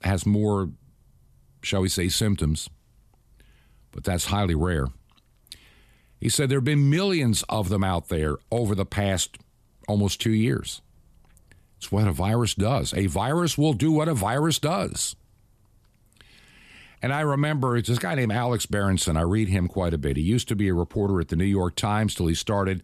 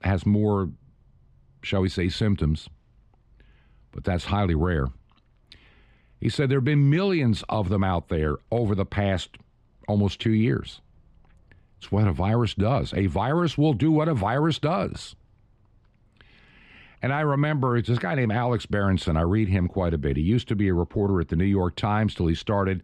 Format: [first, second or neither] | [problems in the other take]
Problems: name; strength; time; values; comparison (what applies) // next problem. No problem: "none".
first | muffled; slightly; fading above 3 kHz